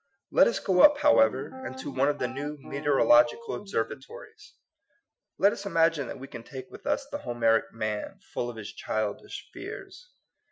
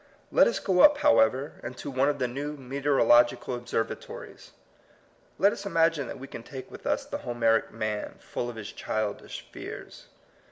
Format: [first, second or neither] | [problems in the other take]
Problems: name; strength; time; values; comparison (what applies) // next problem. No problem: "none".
second | noise reduction (classical method Wiener filter)